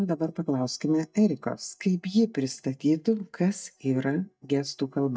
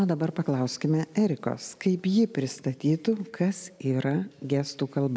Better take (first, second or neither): second